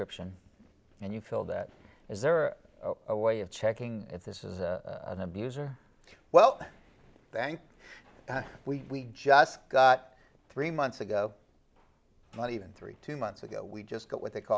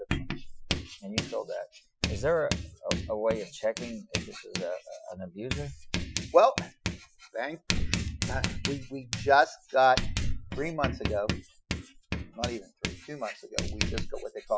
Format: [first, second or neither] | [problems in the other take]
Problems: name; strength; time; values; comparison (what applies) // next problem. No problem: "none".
first | noise reduction (classical method Wiener filter)